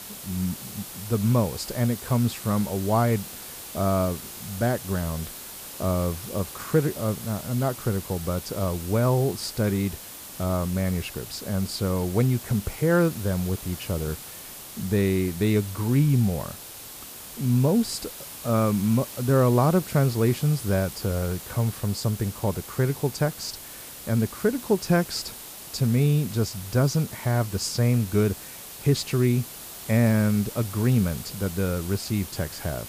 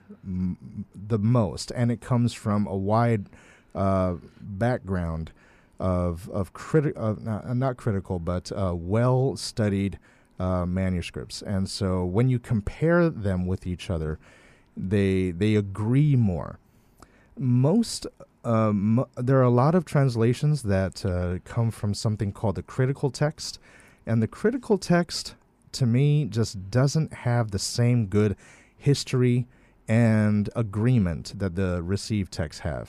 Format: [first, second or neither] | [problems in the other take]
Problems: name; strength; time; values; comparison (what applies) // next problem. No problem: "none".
second | hiss; noticeable; throughout; 10 dB below the speech